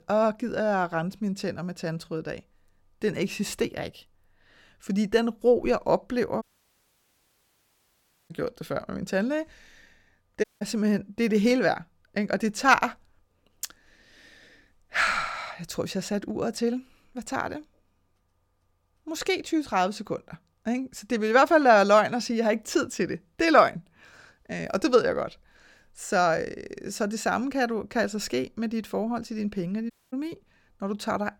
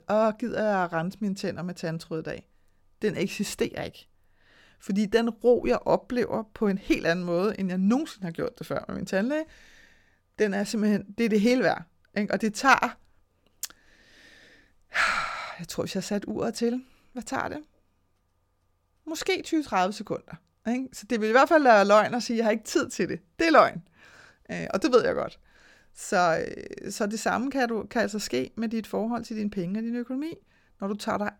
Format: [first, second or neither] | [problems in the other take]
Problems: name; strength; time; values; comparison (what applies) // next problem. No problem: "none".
second | audio cutting out; at 6.5 s for 2 s, at 10 s and at 30 s